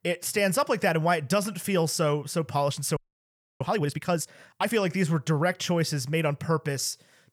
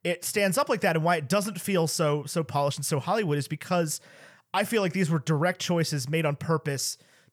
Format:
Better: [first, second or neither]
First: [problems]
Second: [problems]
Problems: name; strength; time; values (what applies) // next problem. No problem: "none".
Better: second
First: audio freezing; at 3 s for 0.5 s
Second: none